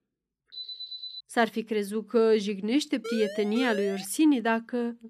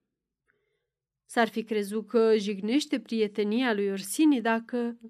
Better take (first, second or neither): second